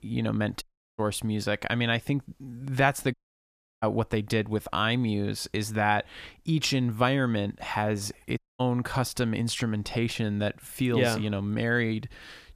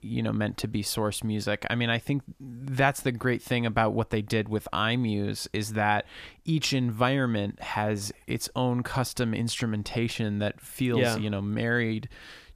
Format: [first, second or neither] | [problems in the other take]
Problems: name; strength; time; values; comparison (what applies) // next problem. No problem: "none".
second | audio cutting out; at 0.5 s, at 3 s for 0.5 s and at 8.5 s